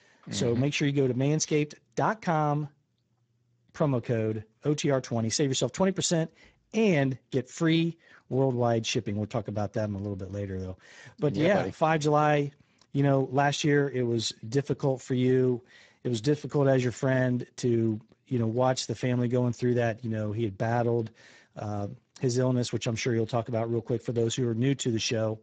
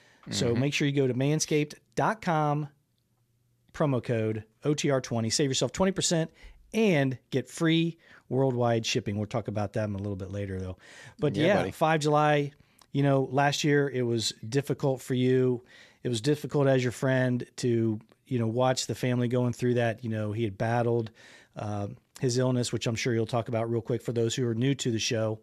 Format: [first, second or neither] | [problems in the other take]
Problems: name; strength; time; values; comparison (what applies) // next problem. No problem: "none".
second | garbled, watery; badly; nothing above 7.5 kHz